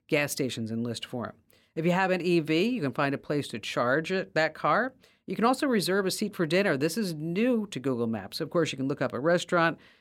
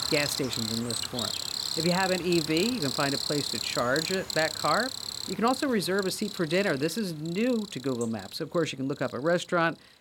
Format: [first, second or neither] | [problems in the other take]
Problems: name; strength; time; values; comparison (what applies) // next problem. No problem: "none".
first | animal sounds; loud; throughout; 3 dB below the speech